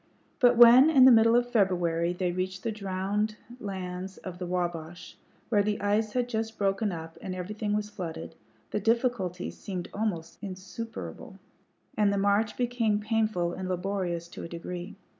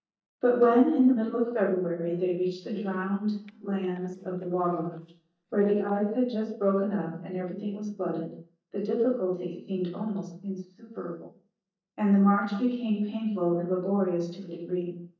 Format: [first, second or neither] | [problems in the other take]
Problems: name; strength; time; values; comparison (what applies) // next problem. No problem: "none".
first | noise reduction (neural mask model DeepFilterNet 3)